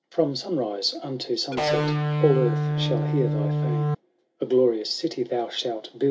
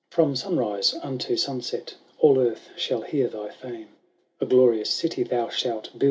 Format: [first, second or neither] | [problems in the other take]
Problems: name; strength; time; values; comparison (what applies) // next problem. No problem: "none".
second | background sound (Electric guitar); 2 dB above the speech